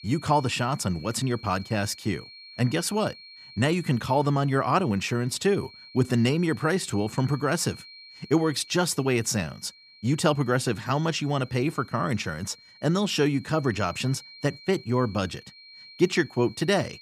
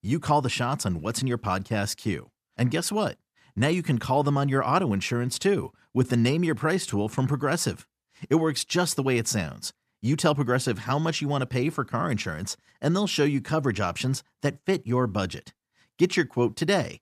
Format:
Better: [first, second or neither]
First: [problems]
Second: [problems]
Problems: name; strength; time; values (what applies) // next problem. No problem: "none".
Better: second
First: high-pitched whine; faint; throughout; 4 kHz, 20 dB below the speech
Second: none